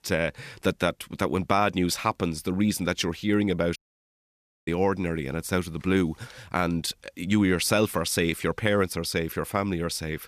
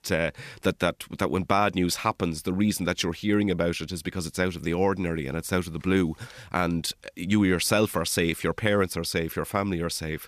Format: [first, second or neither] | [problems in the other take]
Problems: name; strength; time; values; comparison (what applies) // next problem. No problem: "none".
second | audio cutting out; at 4 s for 1 s